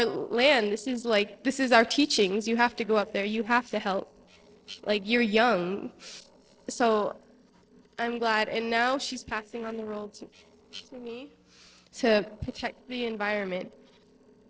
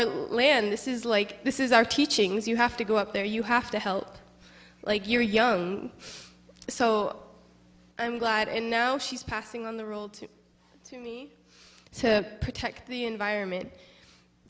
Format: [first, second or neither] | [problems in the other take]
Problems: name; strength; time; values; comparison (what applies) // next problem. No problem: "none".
second | noise reduction (neural separator model SepFormer DNS4)